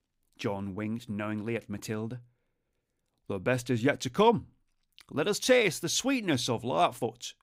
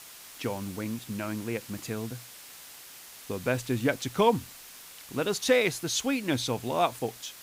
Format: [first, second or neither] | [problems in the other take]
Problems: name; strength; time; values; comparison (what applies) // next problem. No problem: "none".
first | hiss; noticeable; throughout; 15 dB below the speech